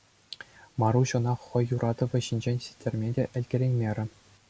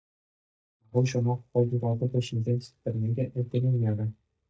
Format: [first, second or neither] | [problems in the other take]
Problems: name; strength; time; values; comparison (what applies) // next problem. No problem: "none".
first | noise reduction (neural mask model DeepFilterNet 3)